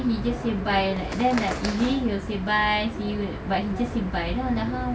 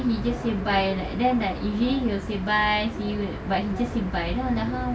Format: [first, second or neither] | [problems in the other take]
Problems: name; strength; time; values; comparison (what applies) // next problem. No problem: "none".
second | background sound (Bird); 12 dB below the speech